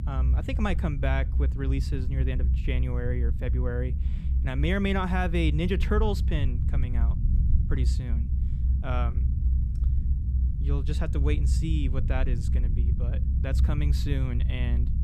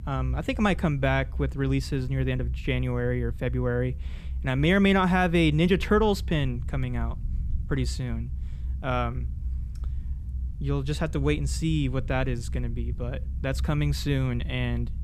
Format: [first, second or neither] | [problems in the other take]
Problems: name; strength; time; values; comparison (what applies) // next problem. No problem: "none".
second | low rumble; loud; throughout; 10 dB below the speech; faint in the second